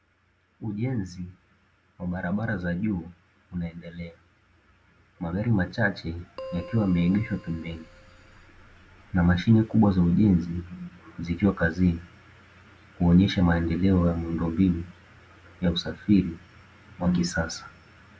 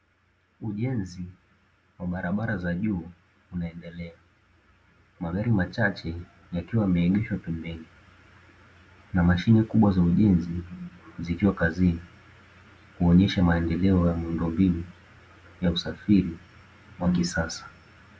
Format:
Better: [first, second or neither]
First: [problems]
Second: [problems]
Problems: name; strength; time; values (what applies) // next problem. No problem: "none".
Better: second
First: background sound (Keyboard (musical)); 19 dB below the speech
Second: none